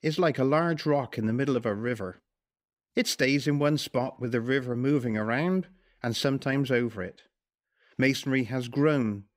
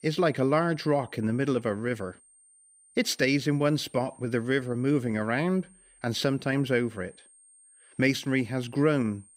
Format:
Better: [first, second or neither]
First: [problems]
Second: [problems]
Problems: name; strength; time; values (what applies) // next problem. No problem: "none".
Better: first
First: none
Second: high-pitched whine; faint; throughout; 8.5 kHz, 30 dB below the speech